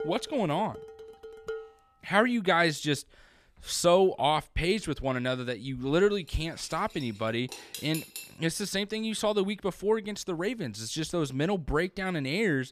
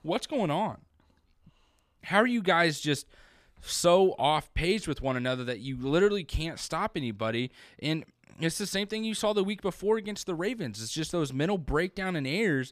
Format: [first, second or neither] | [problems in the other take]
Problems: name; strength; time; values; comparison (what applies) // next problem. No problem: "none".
second | clattering dishes; faint; until 1.5 s; peak 10 dB below the speech // clattering dishes; noticeable; from 6.5 to 8.5 s; peak 10 dB below the speech